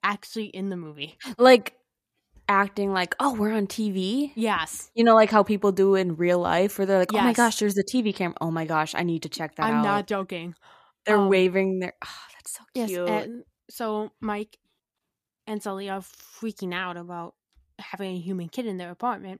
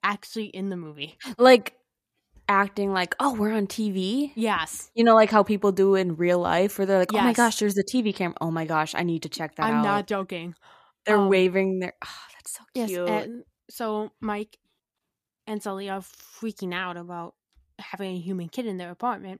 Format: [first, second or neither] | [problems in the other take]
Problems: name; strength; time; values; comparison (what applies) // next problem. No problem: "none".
neither | none